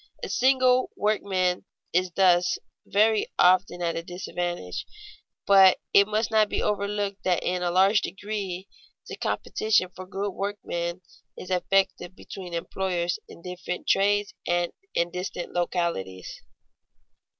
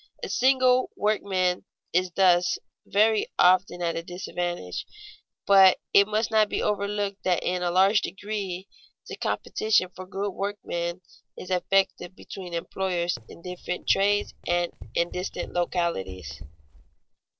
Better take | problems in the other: first | noise reduction (neural separator model SepFormer DNS4)

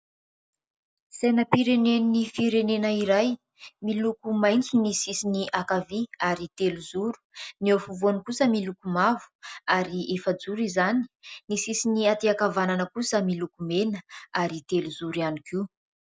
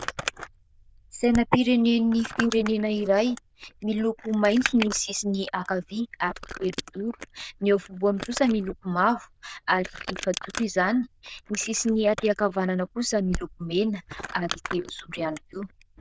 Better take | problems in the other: first | noise reduction (neural diffusion model UNIVERSE++)

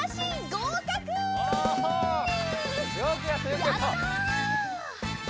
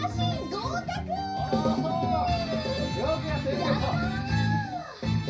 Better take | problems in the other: first | room echo; dies away in 0.4 s

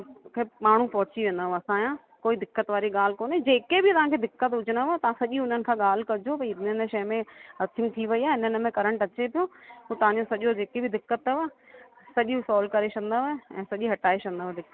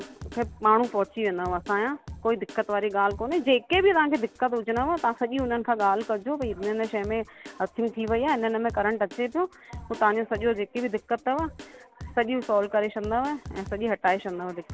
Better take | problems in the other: first | background sound (Drum kit); 18 dB below the speech

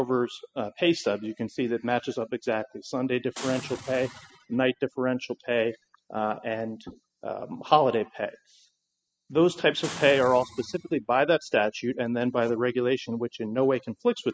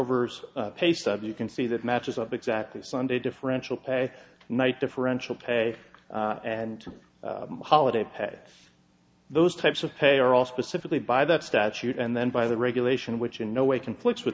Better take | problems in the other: second | noise reduction (classical method spectral subtraction)

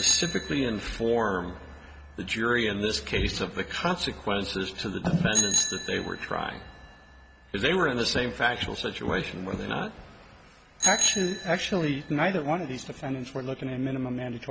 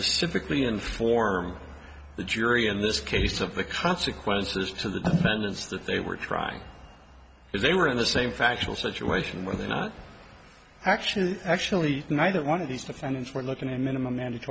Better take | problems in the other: second | background sound (Bicycle bell); 6 dB below the speech

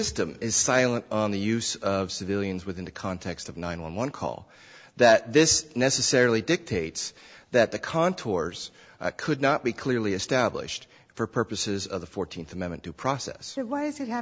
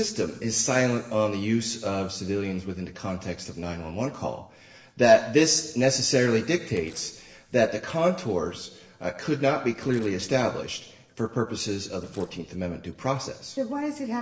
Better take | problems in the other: first | noise reduction (neural separator model SepFormer DNS4)

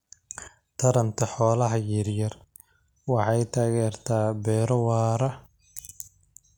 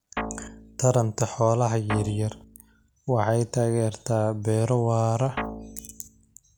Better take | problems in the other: first | background sound (Guitar); 11 dB below the speech

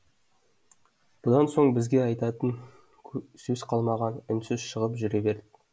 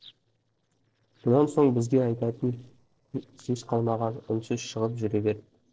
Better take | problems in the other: first | noise reduction (neural separator model SepFormer DNS4)

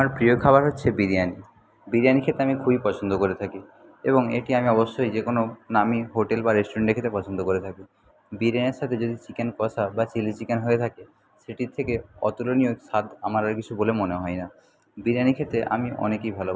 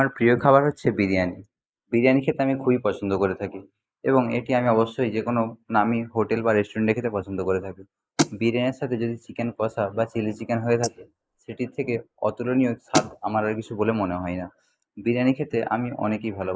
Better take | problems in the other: first | noise reduction (neural mask model Resemble Enhance denoiser)

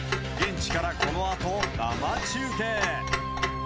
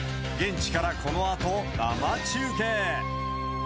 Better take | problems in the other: second | background sound (Clock); 5 dB below the speech

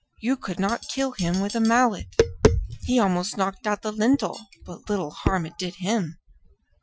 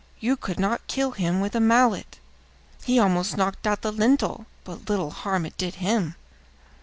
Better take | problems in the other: second | noise reduction (classical method Wiener filter)

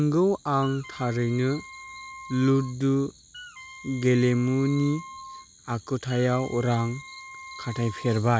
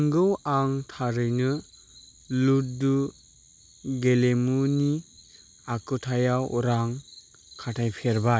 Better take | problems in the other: second | background sound (Wind instrument, woodwind instrument); 18 dB below the speech

